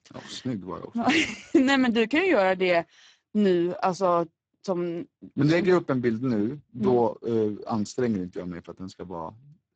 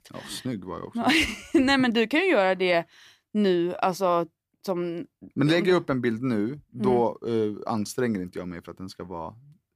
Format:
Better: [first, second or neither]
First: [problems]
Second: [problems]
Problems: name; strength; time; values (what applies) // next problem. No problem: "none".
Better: second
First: garbled, watery; badly; nothing above 7.5 kHz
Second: none